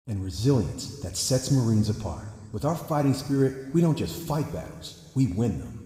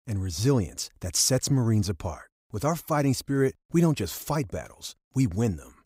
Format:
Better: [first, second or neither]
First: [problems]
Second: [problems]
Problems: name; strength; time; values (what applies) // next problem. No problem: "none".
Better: second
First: room echo; noticeable; dies away in 1.9 s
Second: none